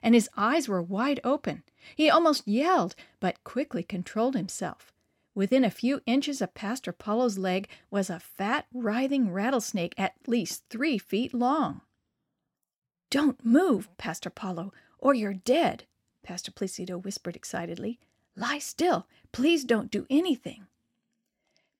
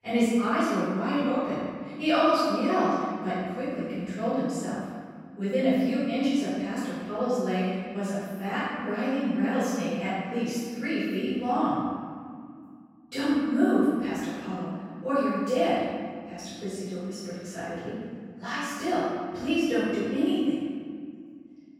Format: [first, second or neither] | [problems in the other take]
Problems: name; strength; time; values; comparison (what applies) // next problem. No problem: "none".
first | off-mic speech; far // room echo; strong; dies away in 1.9 s